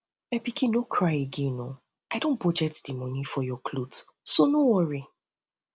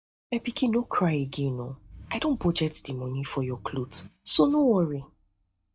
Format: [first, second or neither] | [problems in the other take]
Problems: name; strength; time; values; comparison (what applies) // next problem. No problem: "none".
first | noise reduction (neural mask model DeepFilterNet 3)